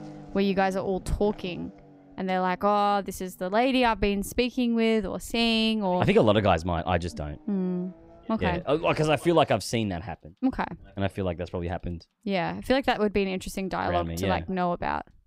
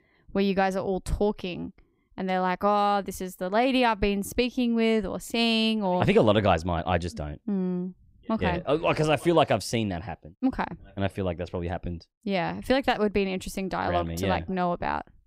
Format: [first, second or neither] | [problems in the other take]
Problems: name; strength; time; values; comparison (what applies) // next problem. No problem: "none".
second | traffic noise; faint; throughout; 25 dB below the speech